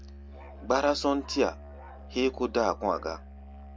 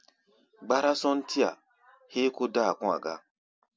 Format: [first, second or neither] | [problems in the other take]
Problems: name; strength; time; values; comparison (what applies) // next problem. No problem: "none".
second | background sound (Musical instrument); 15 dB below the speech